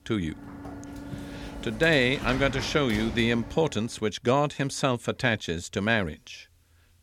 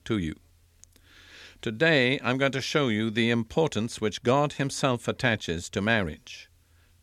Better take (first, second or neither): second